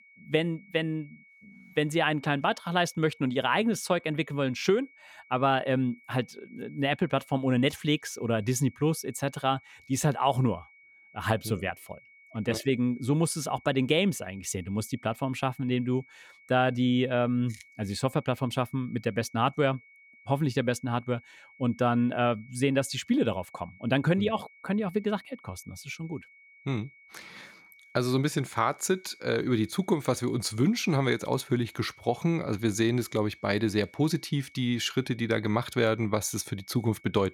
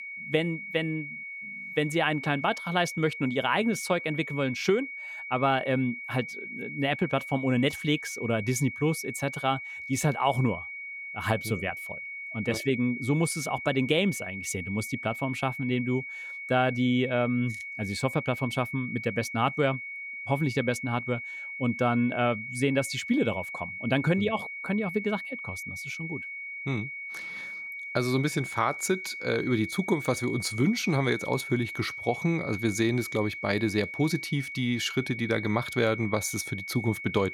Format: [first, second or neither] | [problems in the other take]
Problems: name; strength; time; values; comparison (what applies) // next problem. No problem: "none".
first | high-pitched whine; loud; throughout; 2 kHz, 8 dB below the speech; faint in the first